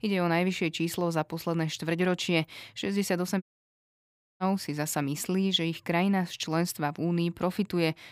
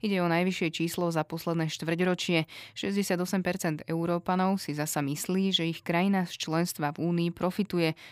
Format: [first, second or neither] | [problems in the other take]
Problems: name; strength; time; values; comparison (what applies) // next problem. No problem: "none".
second | audio cutting out; at 3.5 s for 1 s